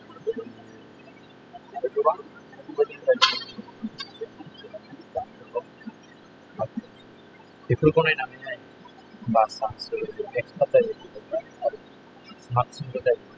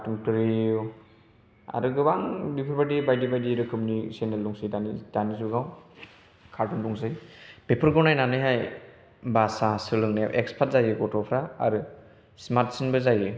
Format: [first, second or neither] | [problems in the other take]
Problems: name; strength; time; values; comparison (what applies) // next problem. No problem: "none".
second | noise reduction (classical method spectral subtraction)